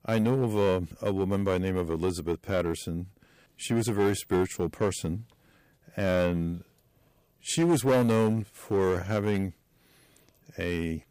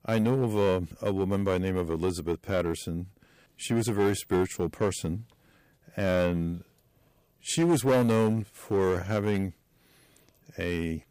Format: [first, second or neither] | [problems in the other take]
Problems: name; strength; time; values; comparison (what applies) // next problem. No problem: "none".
neither | distortion; slight; 6% of the sound clipped; the same in both